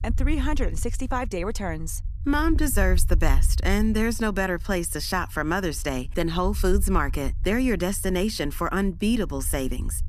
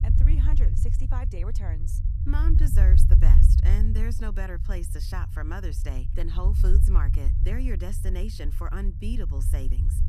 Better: first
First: low rumble; faint; throughout; 25 dB below the speech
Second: low rumble; loud; throughout; 3 dB below the speech

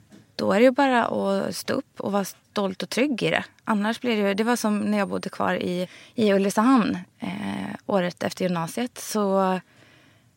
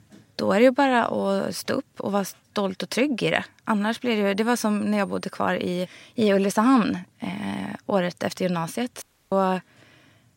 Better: first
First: none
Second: audio cutting out; at 9 s

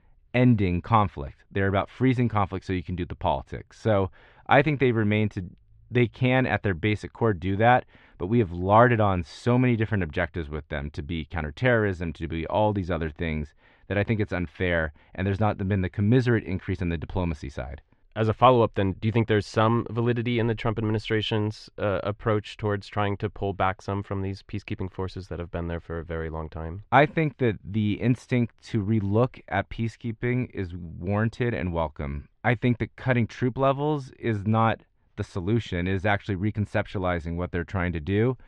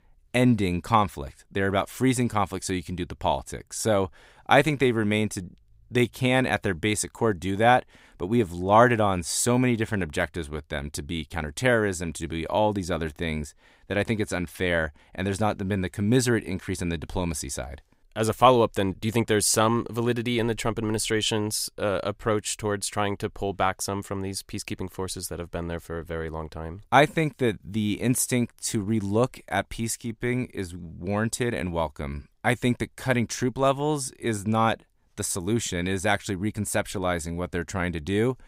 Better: second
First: muffled; very; fading above 3 kHz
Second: none

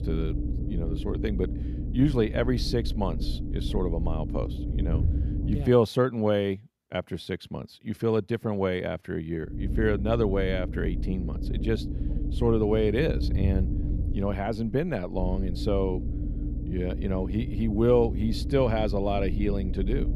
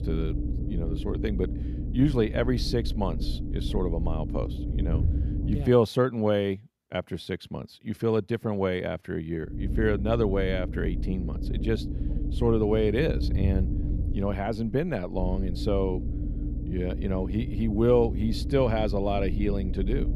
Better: neither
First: low rumble; noticeable; until 5.5 s and from 9.5 s on; 10 dB below the speech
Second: low rumble; noticeable; until 5.5 s and from 9.5 s on; 10 dB below the speech

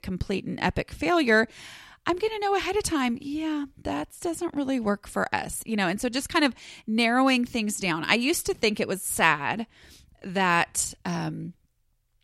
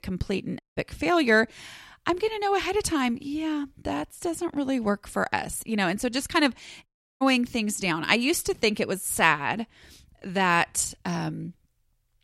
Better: first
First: none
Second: audio cutting out; at 0.5 s and at 7 s

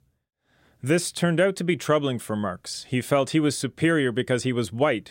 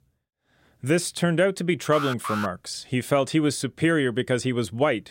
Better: first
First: none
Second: alarm; noticeable; at 2 s; peak 6 dB below the speech

